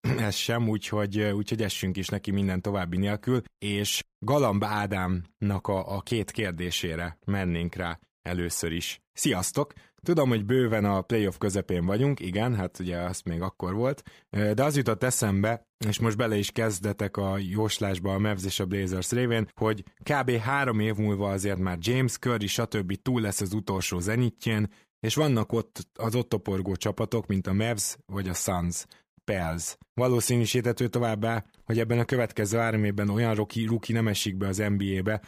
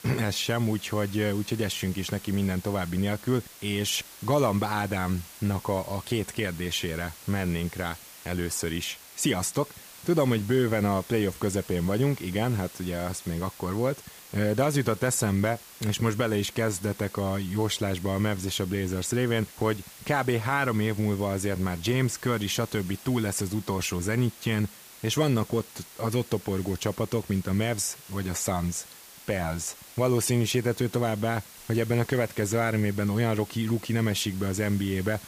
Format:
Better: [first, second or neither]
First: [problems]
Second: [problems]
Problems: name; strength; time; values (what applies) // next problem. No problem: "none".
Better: first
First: none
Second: hiss; noticeable; throughout; 15 dB below the speech